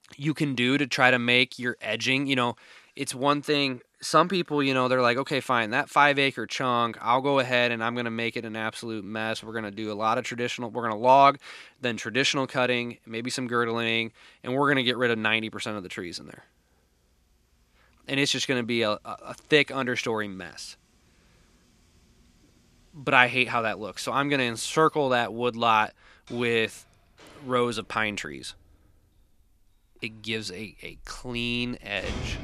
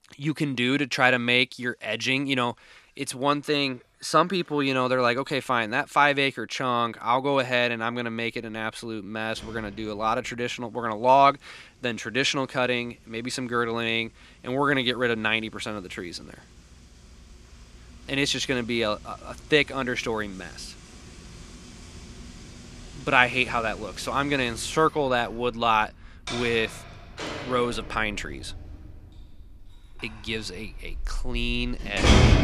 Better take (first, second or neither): first